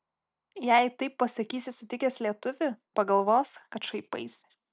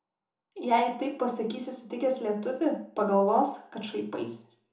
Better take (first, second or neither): first